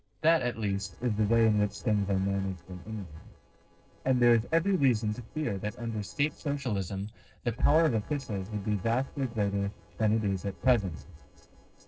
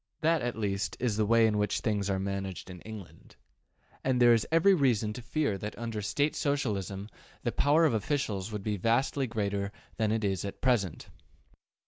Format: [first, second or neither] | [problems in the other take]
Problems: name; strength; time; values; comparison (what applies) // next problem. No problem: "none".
second | noise reduction (neural separator model SepFormer DNS4)